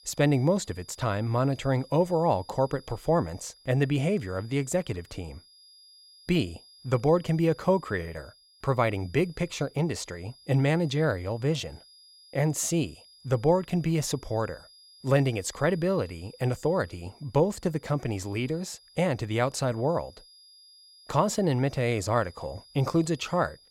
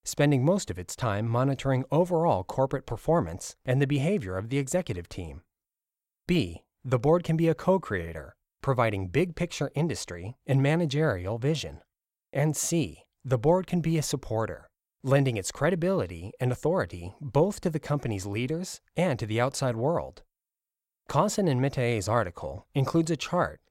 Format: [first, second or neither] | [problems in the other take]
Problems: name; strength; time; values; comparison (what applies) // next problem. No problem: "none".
second | high-pitched whine; faint; throughout; 5 kHz, 25 dB below the speech